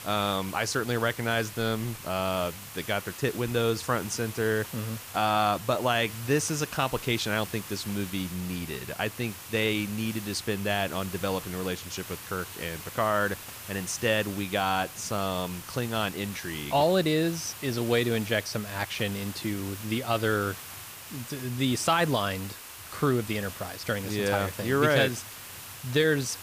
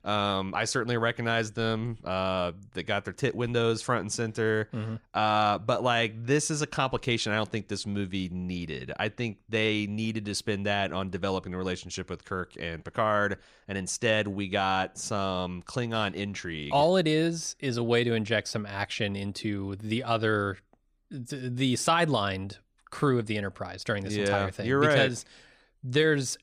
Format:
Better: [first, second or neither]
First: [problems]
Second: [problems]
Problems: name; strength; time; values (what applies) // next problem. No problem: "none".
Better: second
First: hiss; noticeable; throughout; 10 dB below the speech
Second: none